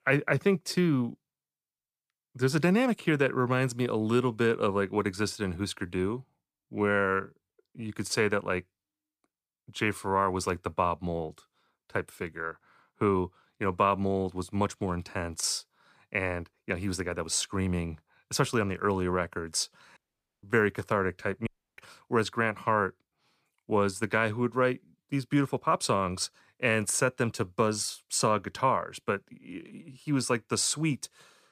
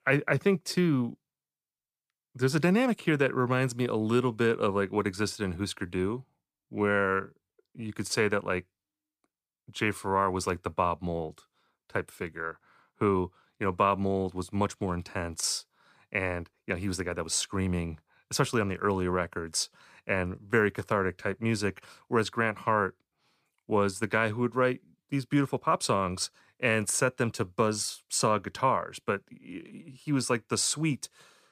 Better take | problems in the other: second | audio cutting out; at 20 s and at 21 s

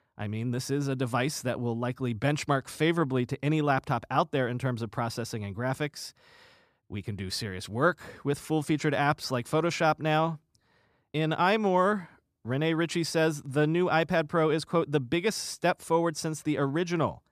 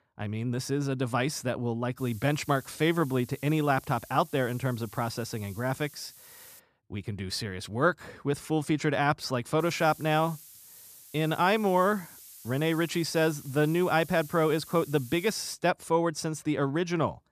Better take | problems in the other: first | hiss; noticeable; from 2 to 6.5 s and from 9.5 to 16 s; 20 dB below the speech

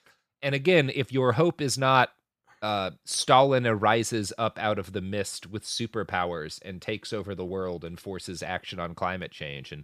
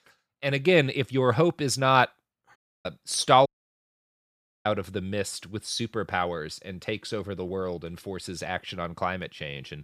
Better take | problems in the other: first | audio cutting out; at 2.5 s and at 3.5 s for 1 s

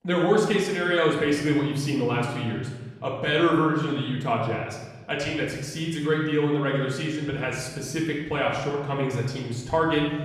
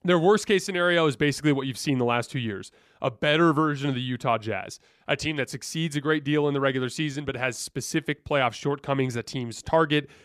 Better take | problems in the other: second | room echo; noticeable; dies away in 1.2 s // off-mic speech; far

